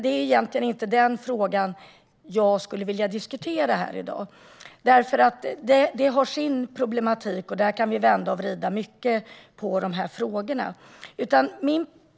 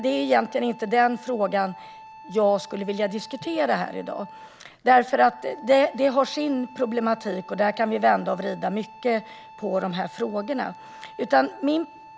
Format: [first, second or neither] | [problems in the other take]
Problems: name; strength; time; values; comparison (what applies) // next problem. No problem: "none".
first | background sound (Wind instrument, woodwind instrument); 20 dB below the speech